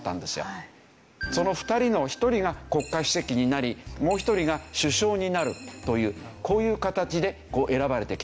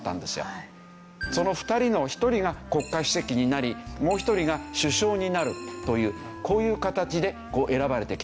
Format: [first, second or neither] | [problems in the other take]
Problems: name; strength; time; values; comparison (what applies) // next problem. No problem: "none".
first | background sound (Wind instrument, woodwind instrument); 16 dB below the speech